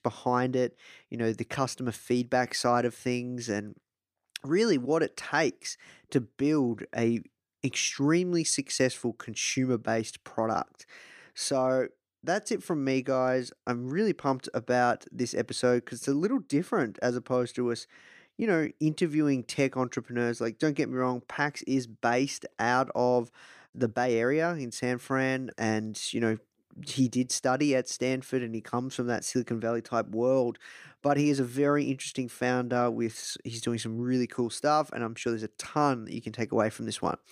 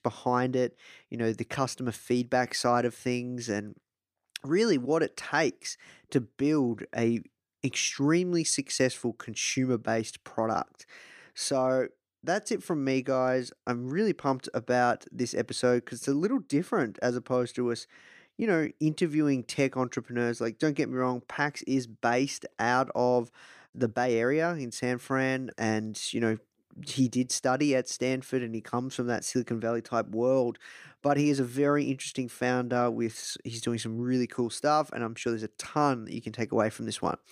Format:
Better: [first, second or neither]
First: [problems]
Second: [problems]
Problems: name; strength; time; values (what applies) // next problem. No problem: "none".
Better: neither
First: none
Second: none